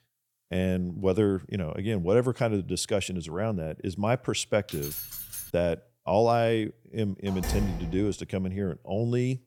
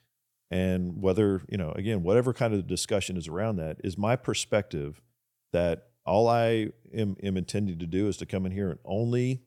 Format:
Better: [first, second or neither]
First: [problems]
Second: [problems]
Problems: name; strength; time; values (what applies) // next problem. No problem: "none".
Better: second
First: jangling keys; noticeable; at 4.5 s; peak 6 dB below the speech // door banging; noticeable; at 7.5 s; peak 4 dB below the speech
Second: none